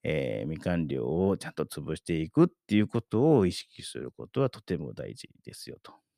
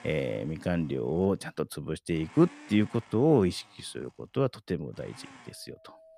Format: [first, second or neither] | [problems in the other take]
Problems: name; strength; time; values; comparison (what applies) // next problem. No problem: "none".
first | household noises; faint; throughout; 25 dB below the speech